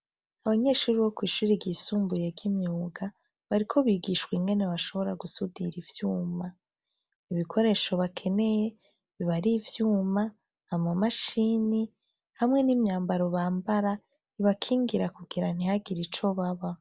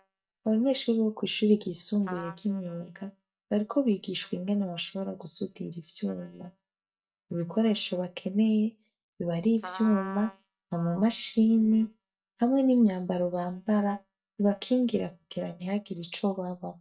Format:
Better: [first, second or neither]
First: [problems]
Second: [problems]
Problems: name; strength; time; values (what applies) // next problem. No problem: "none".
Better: first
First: none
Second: noise reduction (neural mask model DeepFilterNet 3)